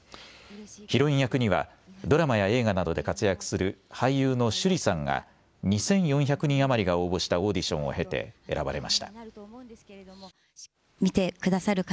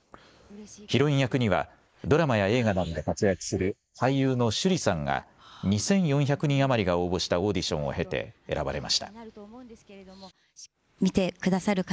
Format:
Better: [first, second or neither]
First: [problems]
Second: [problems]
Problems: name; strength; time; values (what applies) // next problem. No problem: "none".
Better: first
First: none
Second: noise reduction (neural mask model Resemble Enhance denoiser)